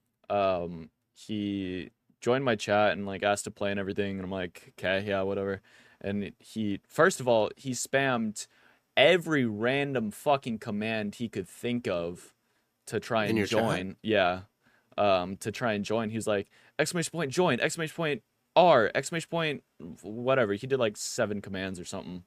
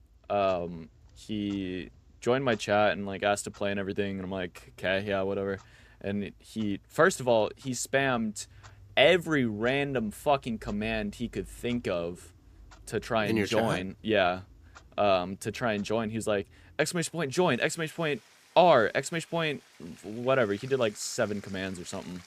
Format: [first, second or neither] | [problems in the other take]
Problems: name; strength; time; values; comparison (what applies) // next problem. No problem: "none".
first | household noises; faint; throughout; 25 dB below the speech